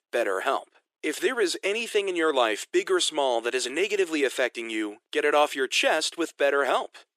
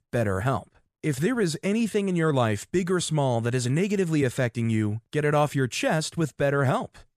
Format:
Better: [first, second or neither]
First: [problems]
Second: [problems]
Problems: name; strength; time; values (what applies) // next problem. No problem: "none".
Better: second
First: thin; very; fading below 350 Hz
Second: none